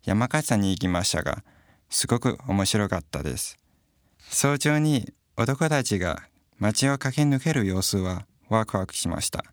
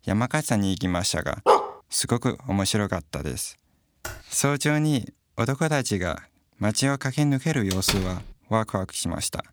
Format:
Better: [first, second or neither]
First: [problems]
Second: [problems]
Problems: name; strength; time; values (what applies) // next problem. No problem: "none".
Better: first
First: none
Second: dog barking; loud; at 1.5 s; peak 5 dB above the speech // keyboard typing; faint; at 4 s; peak 15 dB below the speech // door banging; noticeable; at 7.5 s; peak 2 dB below the speech